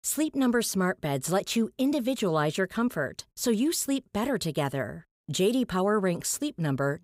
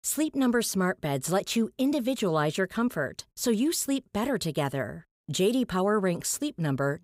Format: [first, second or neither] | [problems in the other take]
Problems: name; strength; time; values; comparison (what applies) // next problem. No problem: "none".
neither | none